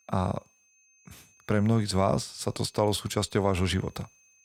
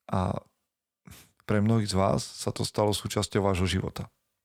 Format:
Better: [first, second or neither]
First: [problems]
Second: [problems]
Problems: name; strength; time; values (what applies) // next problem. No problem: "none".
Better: second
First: high-pitched whine; faint; throughout; 6.5 kHz, 30 dB below the speech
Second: none